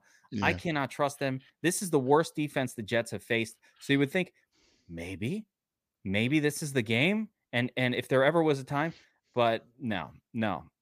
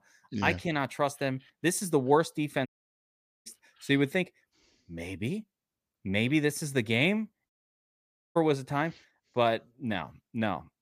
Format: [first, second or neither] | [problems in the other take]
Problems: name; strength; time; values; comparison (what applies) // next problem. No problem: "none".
first | audio cutting out; at 2.5 s for 1 s and at 7.5 s for 1 s